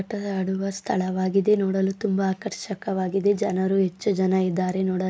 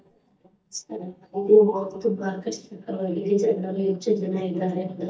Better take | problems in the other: first | noise reduction (neural mask model DeepFilterNet 3)

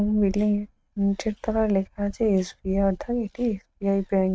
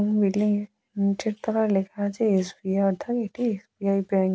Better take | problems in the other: second | noise reduction (neural mask model RNNoise)

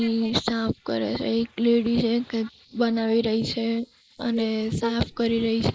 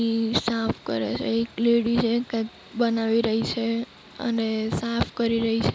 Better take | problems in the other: second | noise reduction (neural mask model Resemble Enhance denoiser)

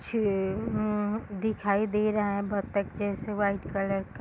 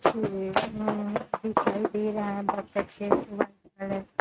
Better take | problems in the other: first | noise reduction (neural mask model RNNoise)

